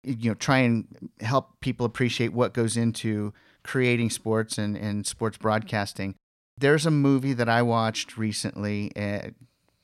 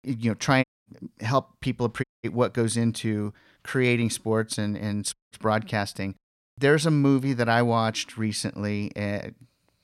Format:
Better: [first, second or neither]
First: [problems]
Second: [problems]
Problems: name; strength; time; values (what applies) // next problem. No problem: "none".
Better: first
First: none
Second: audio cutting out; at 0.5 s, at 2 s and at 5 s